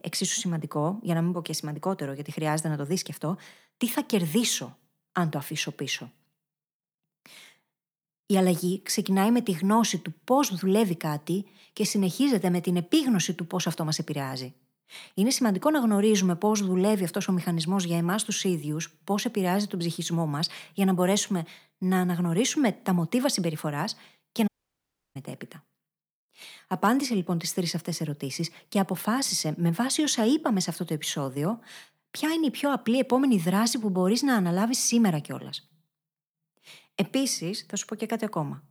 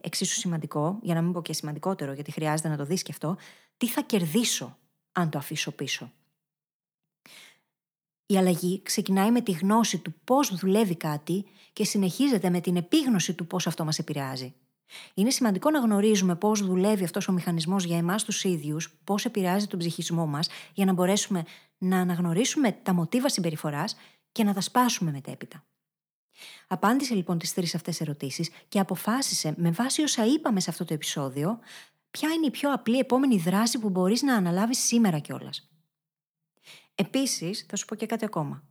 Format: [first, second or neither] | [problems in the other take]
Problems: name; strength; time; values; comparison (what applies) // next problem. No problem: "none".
second | audio cutting out; at 24 s for 0.5 s